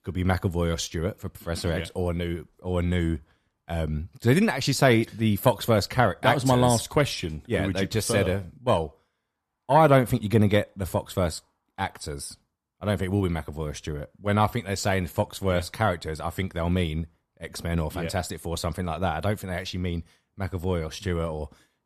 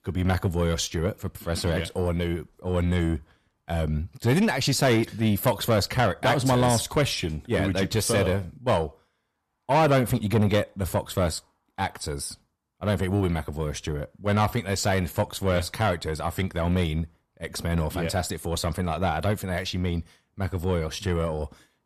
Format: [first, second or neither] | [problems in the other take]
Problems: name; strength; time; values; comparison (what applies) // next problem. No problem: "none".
first | distortion; slight; 10 dB below the speech